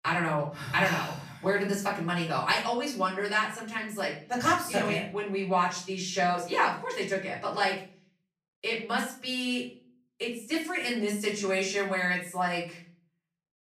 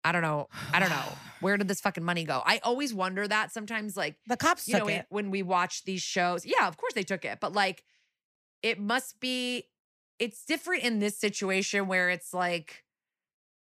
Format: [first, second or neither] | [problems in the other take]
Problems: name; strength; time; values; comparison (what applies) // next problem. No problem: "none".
second | off-mic speech; far // room echo; slight; dies away in 0.4 s